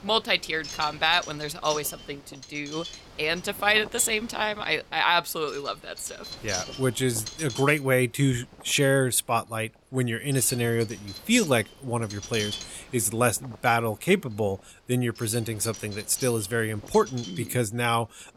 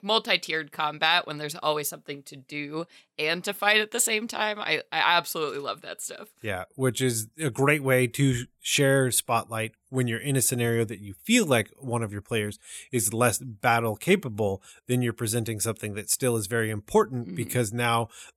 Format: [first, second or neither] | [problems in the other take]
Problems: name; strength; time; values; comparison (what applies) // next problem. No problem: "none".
second | wind noise on the microphone; occasional gusts; 15 dB below the speech